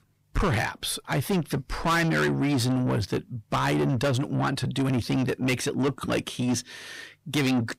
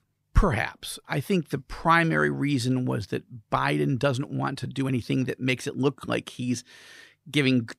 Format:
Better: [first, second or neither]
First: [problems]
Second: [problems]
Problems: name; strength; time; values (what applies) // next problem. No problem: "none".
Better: second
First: distortion; heavy; 6 dB below the speech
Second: none